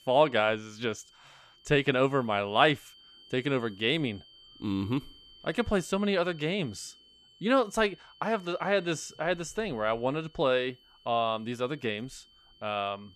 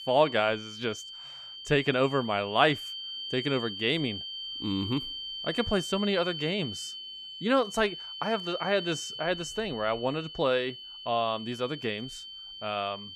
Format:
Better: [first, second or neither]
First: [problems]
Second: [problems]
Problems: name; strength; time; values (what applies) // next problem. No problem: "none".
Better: first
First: high-pitched whine; faint; throughout; 3 kHz, 25 dB below the speech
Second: high-pitched whine; loud; throughout; 3 kHz, 8 dB below the speech